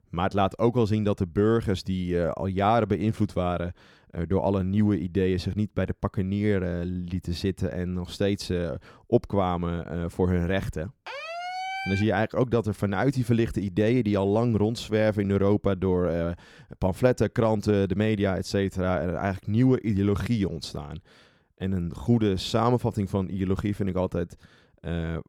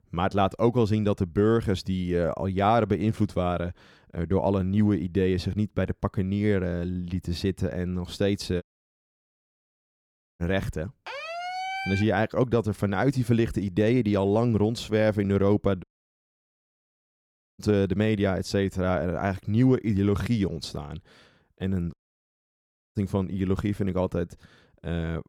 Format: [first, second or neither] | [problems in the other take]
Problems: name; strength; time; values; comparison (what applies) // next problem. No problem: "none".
first | audio cutting out; at 8.5 s for 2 s, at 16 s for 1.5 s and at 22 s for 1 s